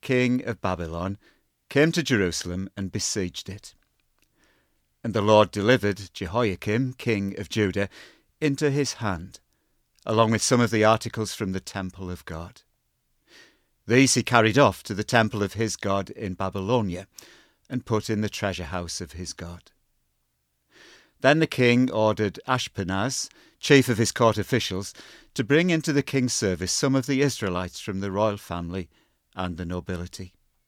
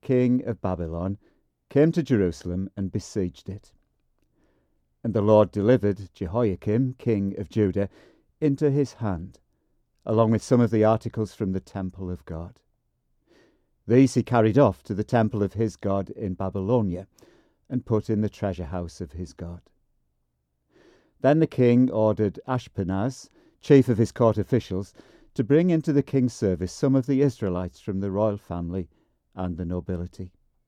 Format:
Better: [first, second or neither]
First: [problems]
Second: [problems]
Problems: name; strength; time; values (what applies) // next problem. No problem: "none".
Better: first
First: none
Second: muffled; slightly; fading above 1 kHz